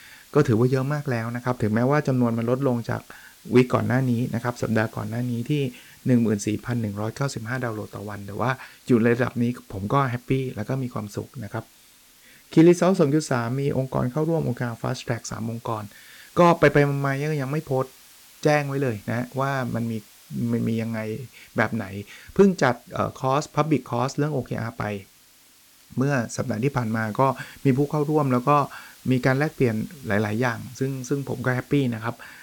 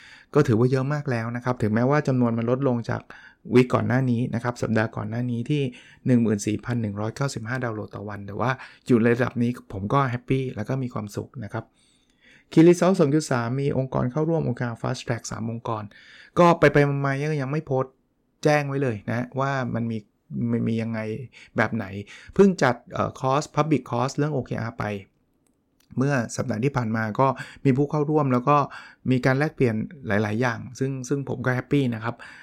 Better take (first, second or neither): second